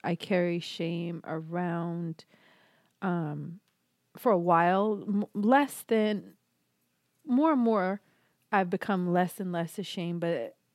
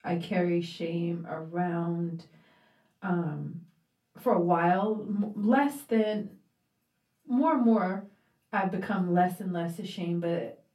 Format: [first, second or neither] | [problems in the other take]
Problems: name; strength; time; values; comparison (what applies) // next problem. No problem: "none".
first | off-mic speech; far // room echo; very slight; dies away in 0.2 s